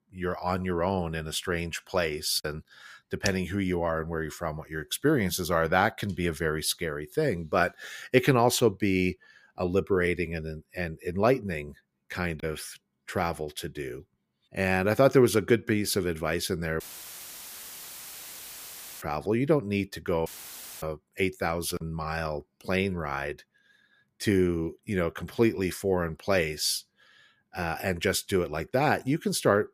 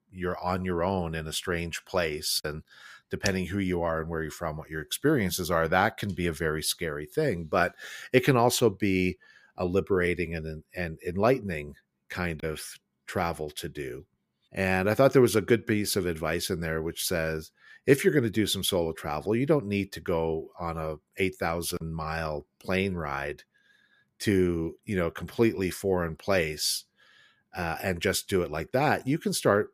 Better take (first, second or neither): second